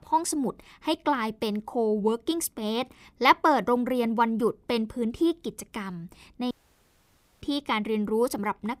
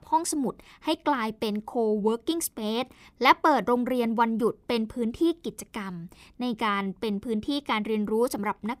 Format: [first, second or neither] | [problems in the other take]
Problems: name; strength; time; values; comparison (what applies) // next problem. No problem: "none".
second | audio cutting out; at 6.5 s for 1 s